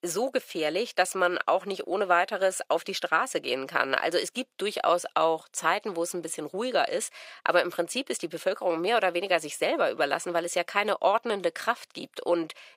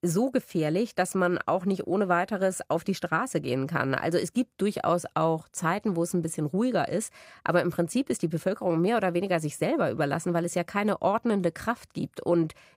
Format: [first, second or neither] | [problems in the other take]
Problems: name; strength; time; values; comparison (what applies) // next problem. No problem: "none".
second | thin; somewhat; fading below 500 Hz